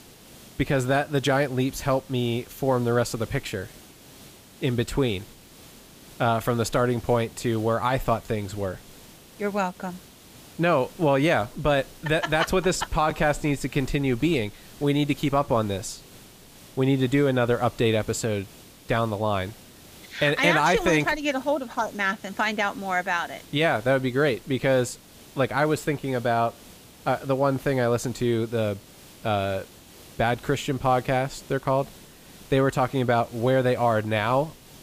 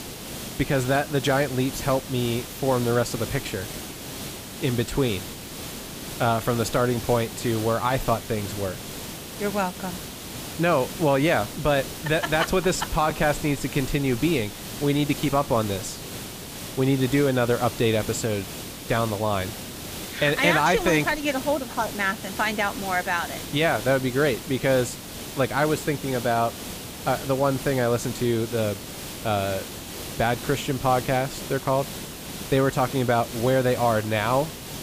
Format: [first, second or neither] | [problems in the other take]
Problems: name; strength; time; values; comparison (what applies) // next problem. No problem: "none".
first | hiss; loud; throughout; 10 dB below the speech; faint in the first